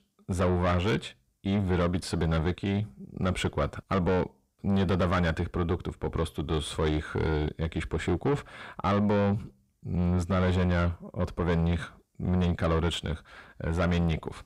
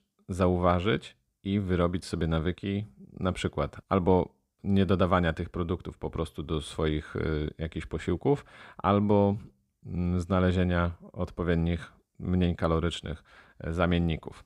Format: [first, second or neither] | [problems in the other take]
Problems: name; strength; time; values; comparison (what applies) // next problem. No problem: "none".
second | distortion; heavy; 6 dB below the speech